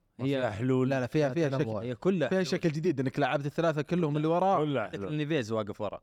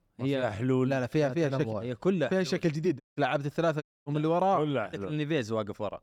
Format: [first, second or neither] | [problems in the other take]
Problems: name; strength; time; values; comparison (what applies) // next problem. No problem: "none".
first | audio cutting out; at 3 s and at 4 s